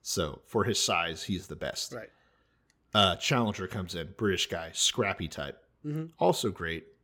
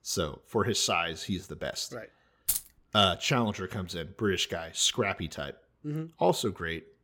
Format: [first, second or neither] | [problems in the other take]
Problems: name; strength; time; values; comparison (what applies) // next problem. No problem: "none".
first | jangling keys; noticeable; at 2.5 s; peak level with the speech